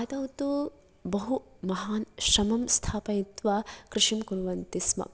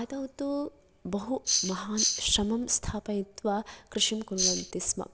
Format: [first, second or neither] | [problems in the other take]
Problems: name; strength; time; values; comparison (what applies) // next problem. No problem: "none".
first | background sound (Tambourine); 3 dB above the speech